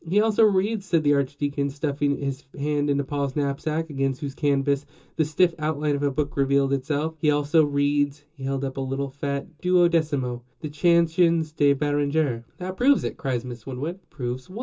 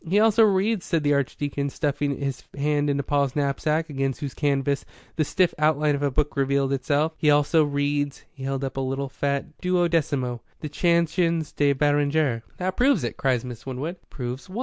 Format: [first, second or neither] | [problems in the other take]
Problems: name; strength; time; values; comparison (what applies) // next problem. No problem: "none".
second | room echo; dies away in 0.2 s